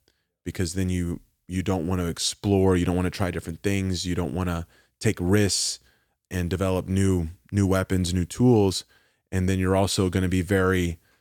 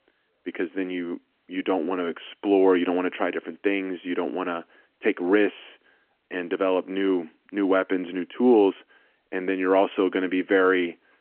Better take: first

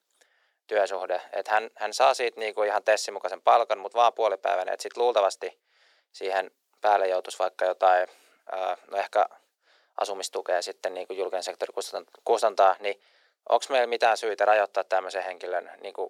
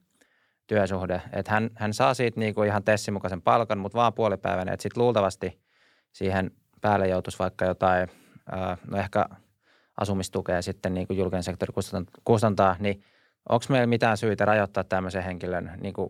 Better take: second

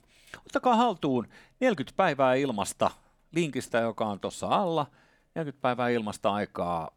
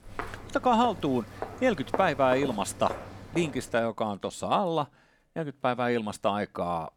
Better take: first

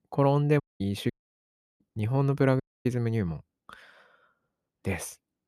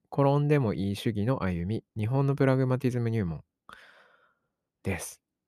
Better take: second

